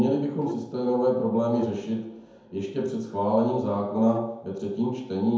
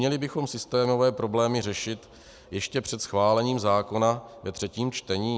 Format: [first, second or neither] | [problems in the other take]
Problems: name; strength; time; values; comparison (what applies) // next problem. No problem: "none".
second | background sound (Wind instrument, woodwind instrument); 14 dB below the speech // room echo; dies away in 0.9 s